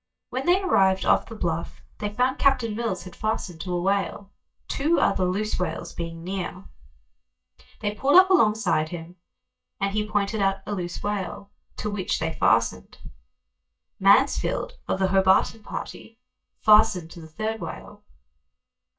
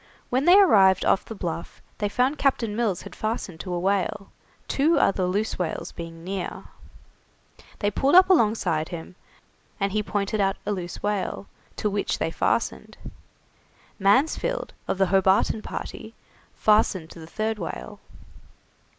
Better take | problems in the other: second | noise reduction (neural mask model DeepFilterNet 3)

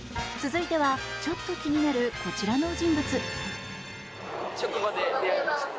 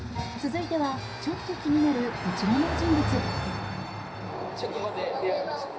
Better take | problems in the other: first | background sound (Car passing by); 9 dB below the speech // room echo; dies away in 0.4 s

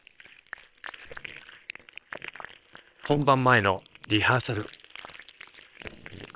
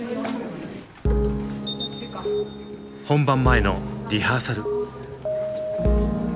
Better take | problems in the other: second | noise reduction (neural separator model SepFormer WHAM!)

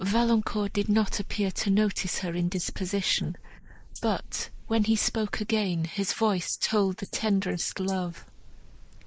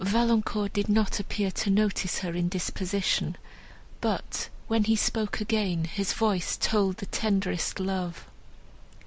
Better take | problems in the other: second | noise reduction (neural mask model Resemble Enhance denoiser)

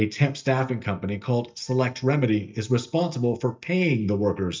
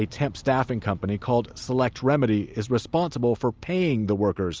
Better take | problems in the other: second | noise reduction (neural mask model DeepFilterNet 3)

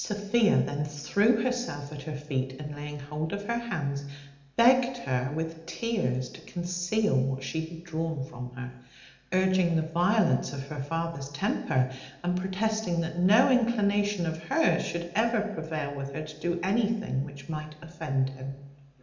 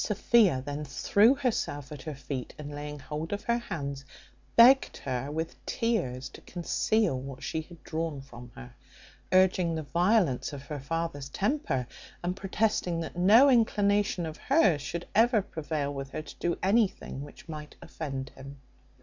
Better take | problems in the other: second | room echo; dies away in 0.9 s

